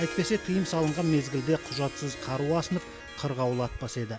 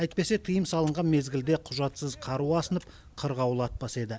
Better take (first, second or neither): second